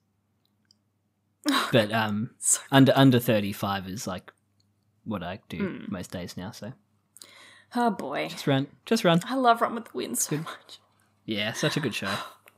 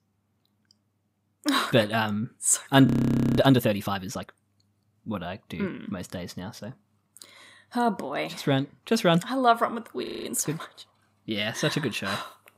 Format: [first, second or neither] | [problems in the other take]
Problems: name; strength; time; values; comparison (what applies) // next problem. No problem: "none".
first | audio freezing; at 3 s for 0.5 s and at 10 s